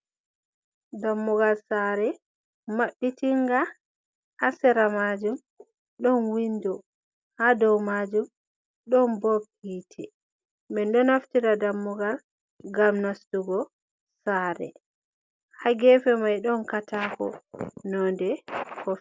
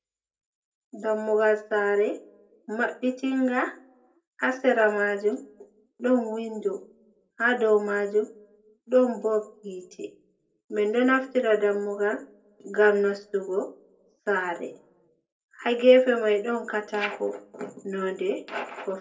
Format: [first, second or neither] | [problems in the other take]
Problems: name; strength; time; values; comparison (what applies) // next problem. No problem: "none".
first | room echo; dies away in 0.2 s